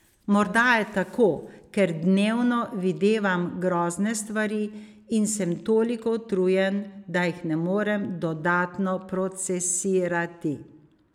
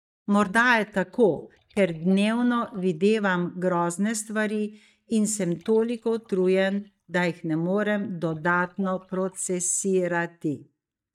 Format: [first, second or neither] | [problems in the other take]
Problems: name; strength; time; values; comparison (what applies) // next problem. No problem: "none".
first | noise reduction (neural mask model DeepFilterNet 3)